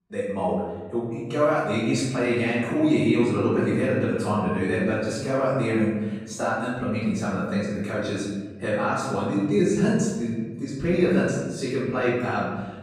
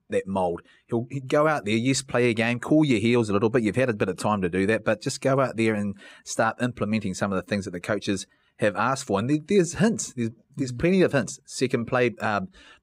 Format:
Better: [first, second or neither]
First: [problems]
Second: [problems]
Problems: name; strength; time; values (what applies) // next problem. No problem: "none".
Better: second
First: room echo; strong; dies away in 1.3 s // off-mic speech; far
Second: none